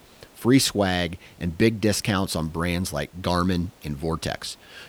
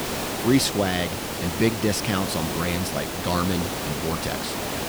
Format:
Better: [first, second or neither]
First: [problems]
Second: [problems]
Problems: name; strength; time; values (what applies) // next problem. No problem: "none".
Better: first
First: hiss; faint; throughout; 30 dB below the speech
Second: hiss; loud; throughout; 3 dB below the speech